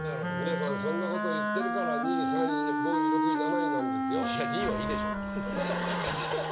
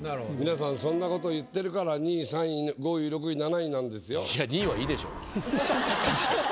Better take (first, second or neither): second